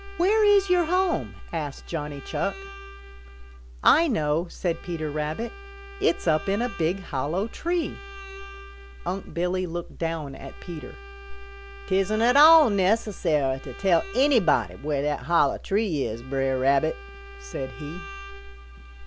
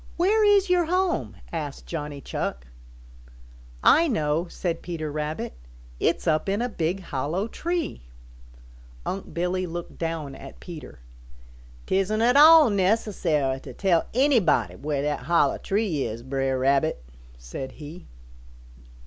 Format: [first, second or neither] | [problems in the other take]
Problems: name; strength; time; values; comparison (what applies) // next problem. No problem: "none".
second | background sound (Bowed string instrument); 18 dB below the speech